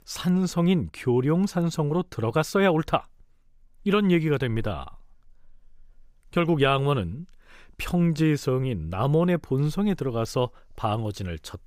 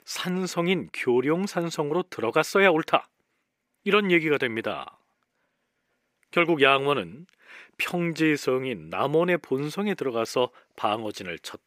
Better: first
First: none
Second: thin; somewhat; fading below 300 Hz

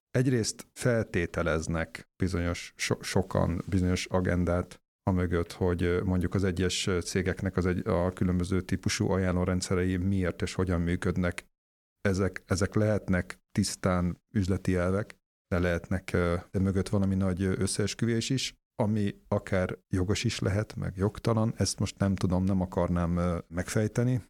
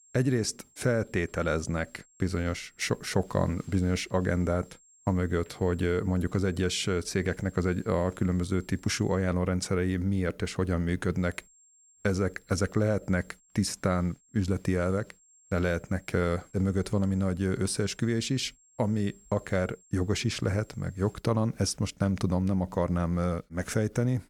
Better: first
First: none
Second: high-pitched whine; faint; until 9 s and from 11 to 21 s; 7.5 kHz, 30 dB below the speech

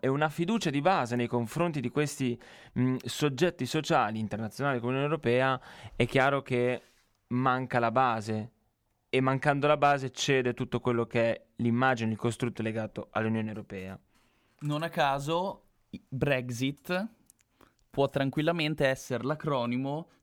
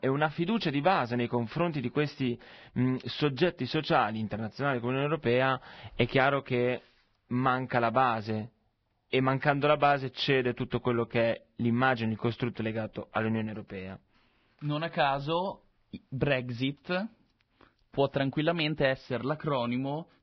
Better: first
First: none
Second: garbled, watery; badly; nothing above 5.5 kHz

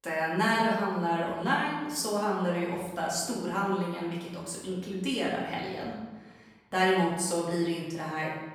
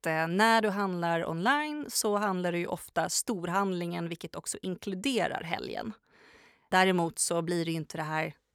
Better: second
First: room echo; noticeable; dies away in 1.1 s // off-mic speech; far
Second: none

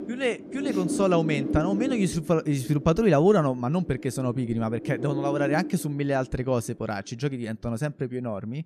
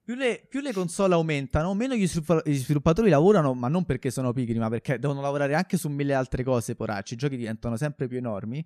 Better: second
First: wind noise on the microphone; heavy; 9 dB below the speech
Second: none

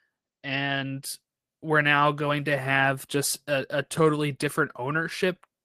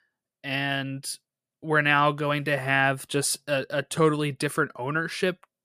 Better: second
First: garbled, watery; slightly; nothing above 12 kHz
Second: none

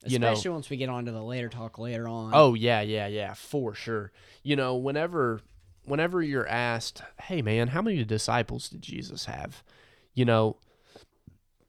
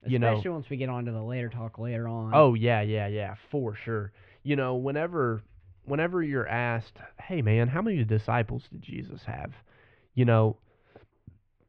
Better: first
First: none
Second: muffled; very; fading above 2.5 kHz

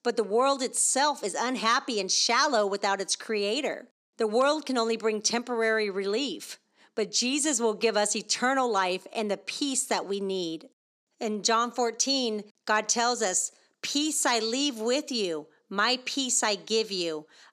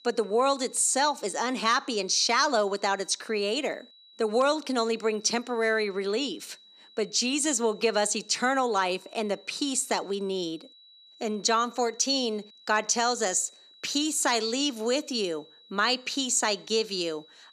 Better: first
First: none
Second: high-pitched whine; faint; throughout; 4 kHz, 25 dB below the speech

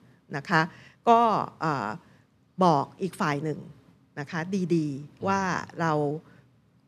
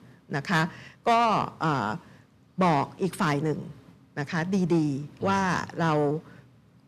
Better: first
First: none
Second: distortion; heavy; 8 dB below the speech

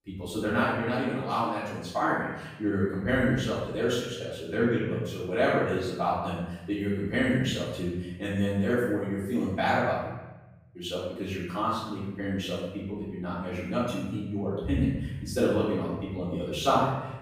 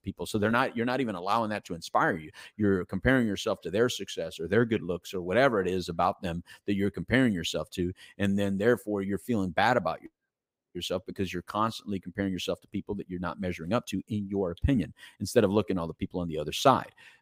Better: second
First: off-mic speech; far // room echo; strong; dies away in 1.1 s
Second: none

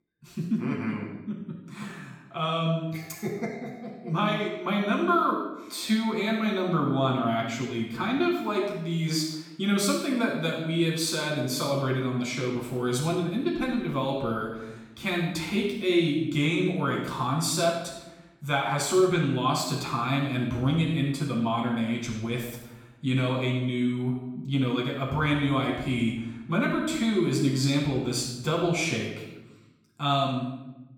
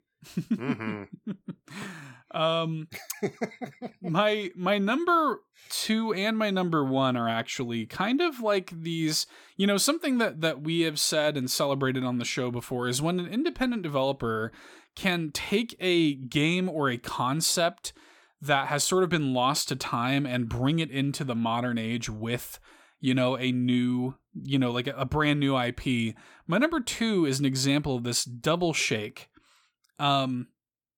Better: second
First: off-mic speech; far // room echo; noticeable; dies away in 0.8 s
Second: none

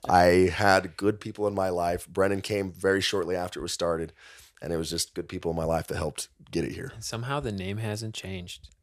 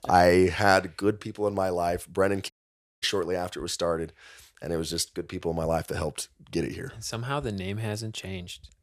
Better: first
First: none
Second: audio cutting out; at 2.5 s for 0.5 s

